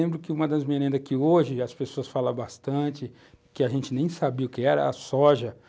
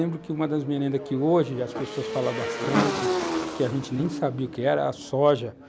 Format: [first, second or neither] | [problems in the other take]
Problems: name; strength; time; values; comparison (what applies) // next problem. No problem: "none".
first | background sound (Motorcycle / Engine); 5 dB below the speech